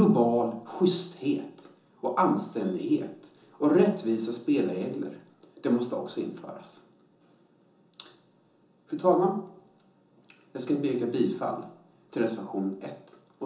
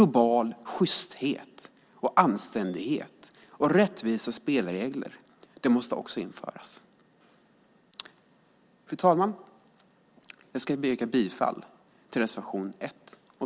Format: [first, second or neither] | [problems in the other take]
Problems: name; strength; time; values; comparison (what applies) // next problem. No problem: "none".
second | room echo; dies away in 0.6 s